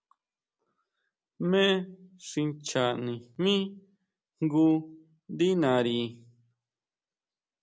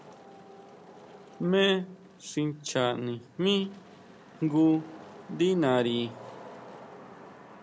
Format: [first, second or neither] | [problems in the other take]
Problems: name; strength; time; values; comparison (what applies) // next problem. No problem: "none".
first | background sound (Wind / Rain); 19 dB below the speech